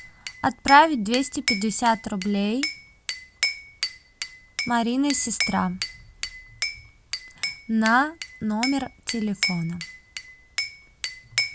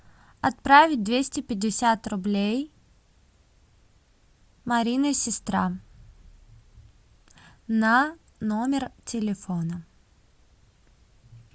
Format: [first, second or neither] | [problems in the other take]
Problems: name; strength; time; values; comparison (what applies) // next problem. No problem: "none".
second | background sound (Glass / Bell); 7 dB below the speech